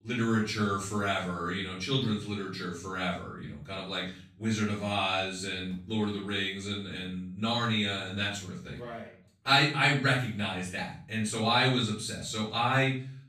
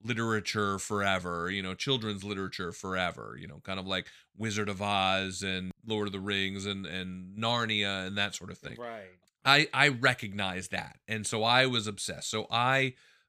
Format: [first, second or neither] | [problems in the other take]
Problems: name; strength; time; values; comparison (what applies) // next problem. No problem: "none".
second | off-mic speech; far // room echo; noticeable; dies away in 0.5 s